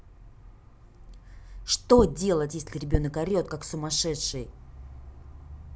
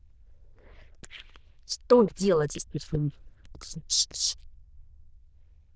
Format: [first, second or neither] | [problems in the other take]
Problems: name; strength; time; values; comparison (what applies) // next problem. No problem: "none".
first | noise reduction (neural diffusion model UNIVERSE++)